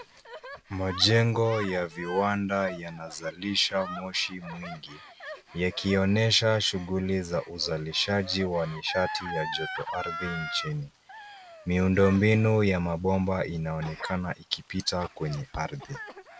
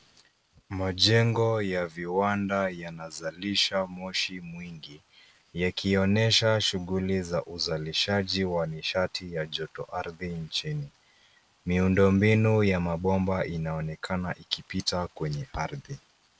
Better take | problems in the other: second | background sound (Gasp); 14 dB below the speech

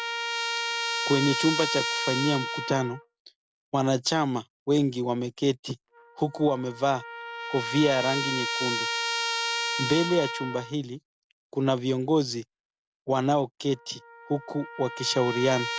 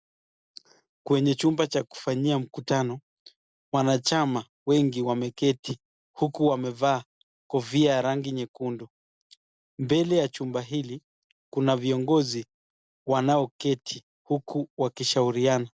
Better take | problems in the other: second | background sound (Trumpet); 5 dB below the speech

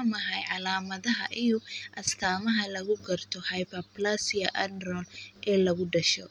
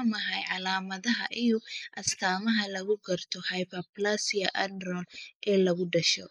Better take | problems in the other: first | noise reduction (neural mask model Resemble Enhance denoiser)

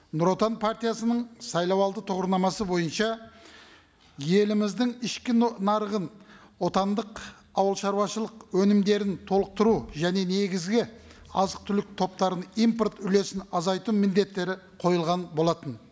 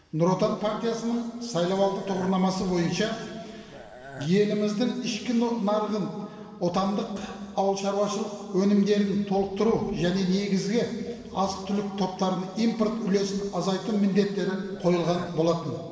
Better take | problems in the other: first | background sound (Burping, eructation); 17 dB below the speech // room echo; dies away in 2.2 s

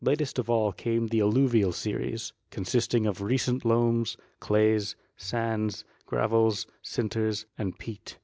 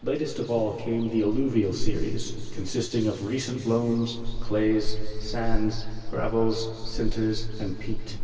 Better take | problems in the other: first | background sound (Ocean); as loud as the speech // room echo; dies away in 2.6 s

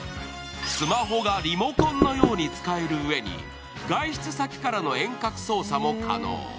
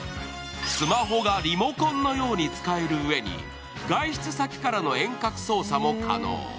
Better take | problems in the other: second | background sound (Knock); 4 dB above the speech

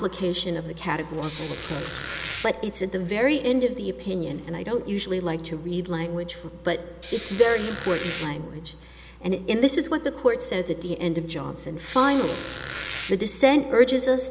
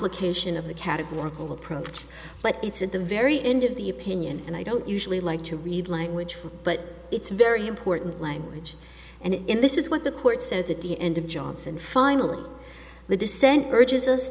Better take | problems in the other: second | background sound (Squeak); 10 dB below the speech

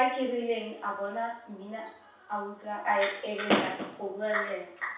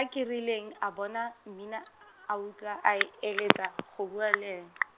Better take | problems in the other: second | room echo; dies away in 0.7 s

